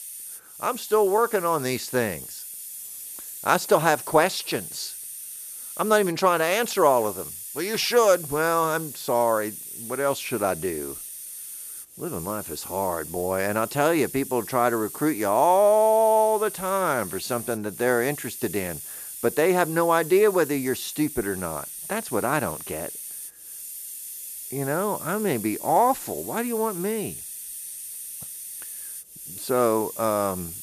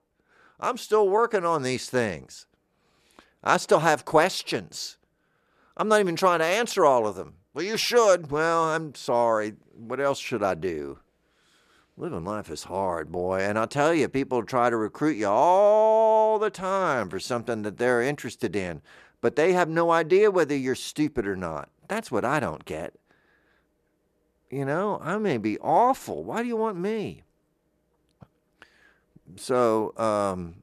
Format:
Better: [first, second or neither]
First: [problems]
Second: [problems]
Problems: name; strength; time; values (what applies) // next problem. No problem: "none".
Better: second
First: hiss; noticeable; throughout; 10 dB below the speech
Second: none